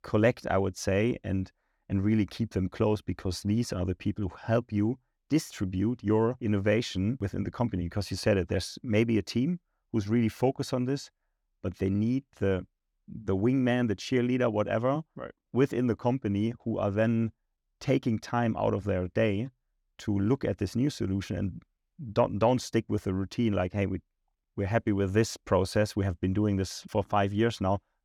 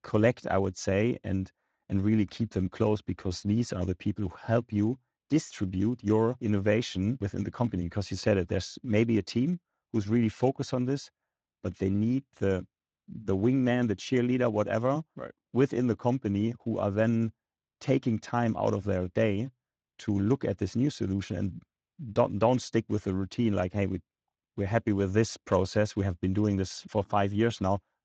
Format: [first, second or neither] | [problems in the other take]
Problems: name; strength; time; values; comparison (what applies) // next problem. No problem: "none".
first | garbled, watery; slightly; nothing above 7.5 kHz